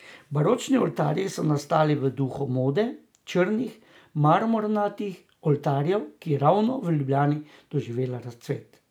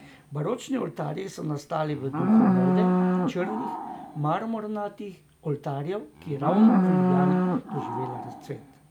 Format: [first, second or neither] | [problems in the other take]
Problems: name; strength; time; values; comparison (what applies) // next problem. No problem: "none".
first | background sound (Livestock, farm animals, working animals); 5 dB above the speech